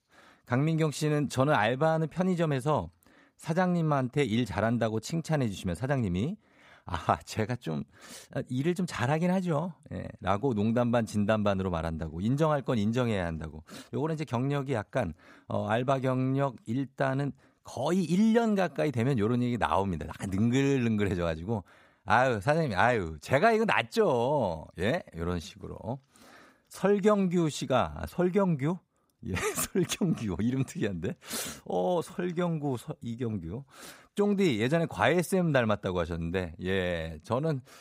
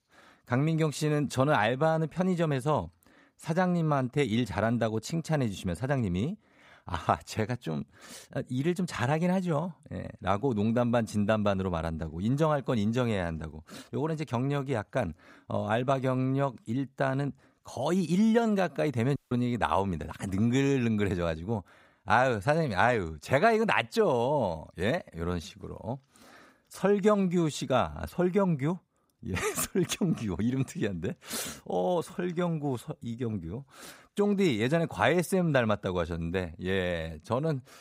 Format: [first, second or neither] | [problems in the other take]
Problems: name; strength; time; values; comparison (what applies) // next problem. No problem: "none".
first | audio cutting out; at 19 s